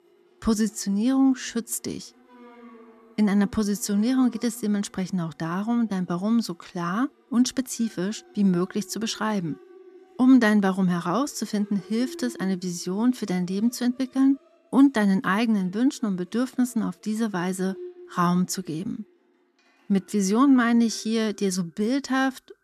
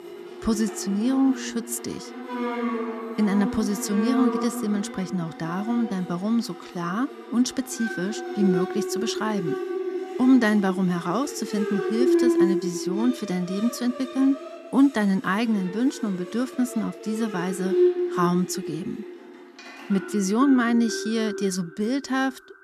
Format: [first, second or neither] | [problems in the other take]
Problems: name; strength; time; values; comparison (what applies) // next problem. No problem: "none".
first | background music; loud; throughout; 4 dB below the speech; faint in the first